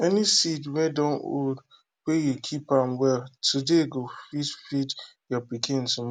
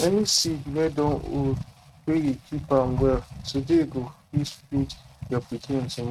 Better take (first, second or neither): first